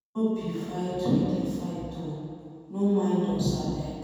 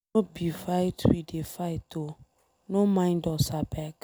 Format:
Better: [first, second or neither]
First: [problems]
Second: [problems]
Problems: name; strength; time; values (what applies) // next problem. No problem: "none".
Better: second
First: room echo; dies away in 2.1 s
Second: none